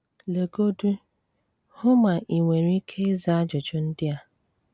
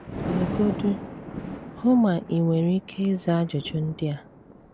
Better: first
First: none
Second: background sound (Thunder); 10 dB below the speech

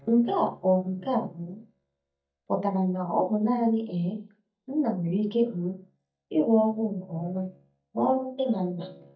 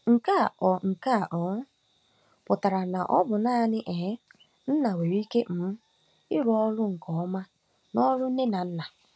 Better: second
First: noise reduction (neural mask model DeepFilterNet 3)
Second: none

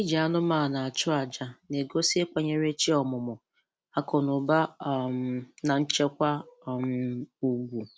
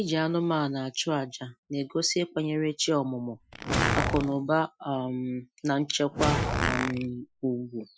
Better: first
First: none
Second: noise reduction (classical method Wiener filter)

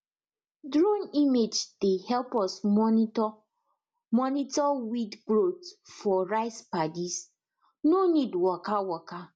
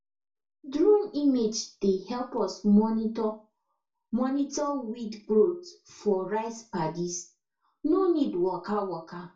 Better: first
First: none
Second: room echo; dies away in 0.3 s

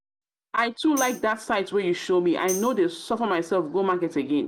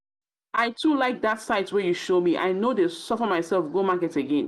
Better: second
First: background sound (Tambourine); 16 dB below the speech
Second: none

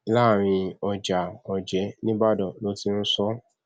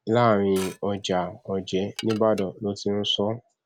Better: first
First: none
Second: background sound (Dishes, pots, and pans / Glass); 18 dB below the speech

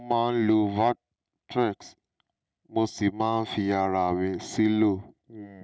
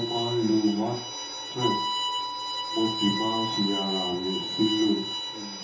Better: first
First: none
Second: background sound (Bowed string instrument); 3 dB below the speech // room echo; dies away in 0.5 s

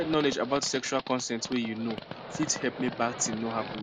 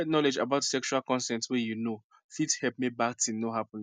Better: second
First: background sound (Livestock, farm animals, working animals); 10 dB below the speech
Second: none

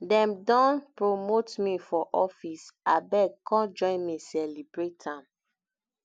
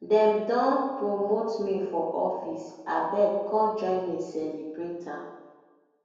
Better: first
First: none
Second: room echo; dies away in 1.1 s

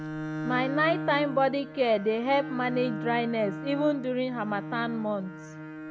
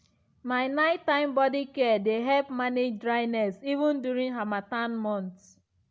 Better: second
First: background sound (Bowed string instrument); 8 dB below the speech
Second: none

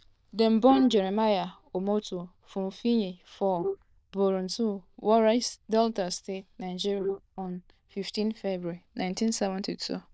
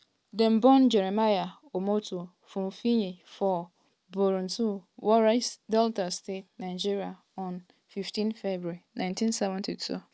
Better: second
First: noise reduction (neural diffusion model UNIVERSE++)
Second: none

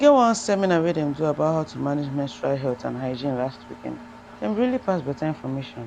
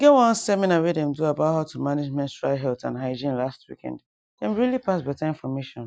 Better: second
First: background sound (Engine); 19 dB below the speech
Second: none

